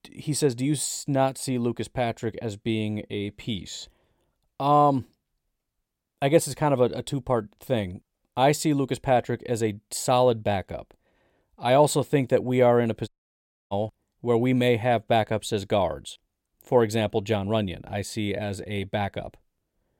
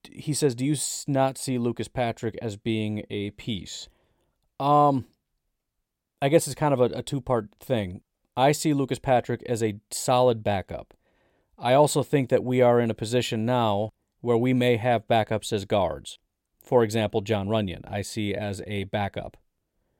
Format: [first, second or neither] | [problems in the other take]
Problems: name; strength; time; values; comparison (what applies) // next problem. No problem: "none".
second | audio cutting out; at 13 s for 0.5 s